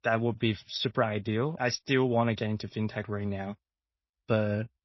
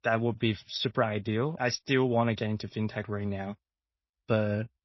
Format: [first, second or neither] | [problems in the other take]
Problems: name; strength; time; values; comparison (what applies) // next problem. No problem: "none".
neither | garbled, watery; slightly; nothing above 5.5 kHz; the same in both